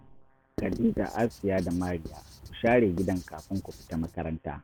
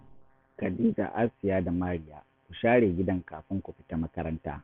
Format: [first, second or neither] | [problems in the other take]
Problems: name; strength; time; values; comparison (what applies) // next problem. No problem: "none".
second | background sound (Writing); 14 dB below the speech